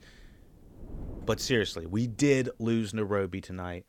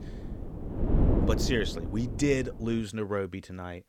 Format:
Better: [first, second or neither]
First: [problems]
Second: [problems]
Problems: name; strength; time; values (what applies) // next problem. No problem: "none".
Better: first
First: wind noise on the microphone; occasional gusts; until 3 s; 25 dB below the speech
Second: wind noise on the microphone; heavy; until 3 s; 5 dB below the speech